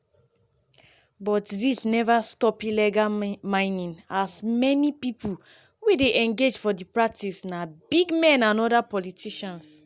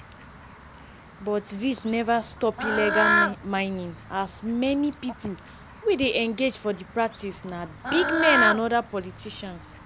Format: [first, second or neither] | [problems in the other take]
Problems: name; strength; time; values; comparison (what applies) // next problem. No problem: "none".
first | background sound (Bird / Fowl); 3 dB below the speech